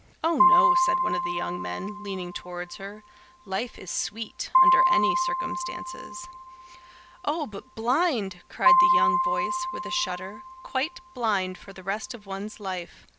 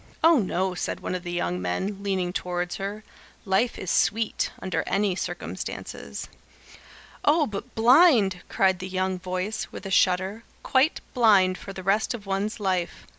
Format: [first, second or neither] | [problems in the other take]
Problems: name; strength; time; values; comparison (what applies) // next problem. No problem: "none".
second | background sound (Piano); 5 dB above the speech